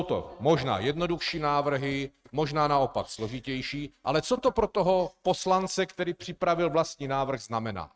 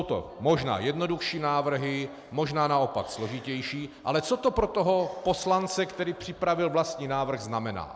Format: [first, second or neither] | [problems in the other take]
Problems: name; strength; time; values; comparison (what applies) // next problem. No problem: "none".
second | noise reduction (neural mask model RNNoise)